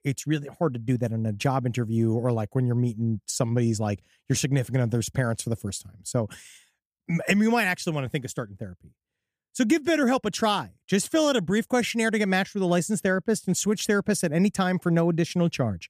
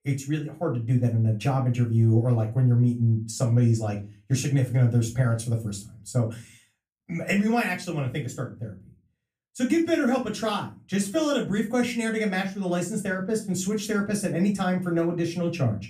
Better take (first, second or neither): first